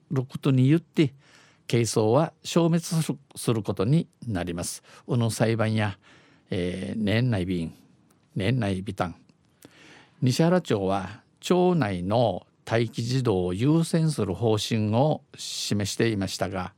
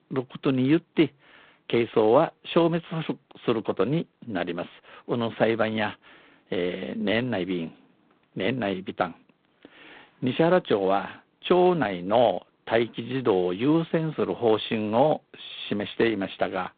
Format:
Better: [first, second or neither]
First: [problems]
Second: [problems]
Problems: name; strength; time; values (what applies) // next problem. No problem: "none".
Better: first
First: none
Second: phone-call audio; poor line; nothing above 3.5 kHz